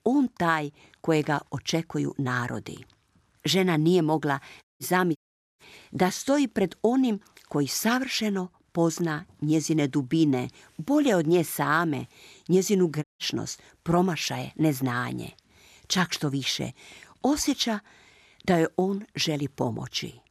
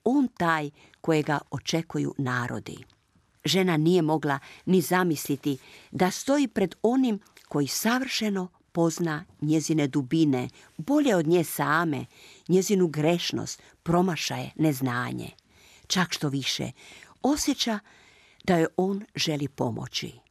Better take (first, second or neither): second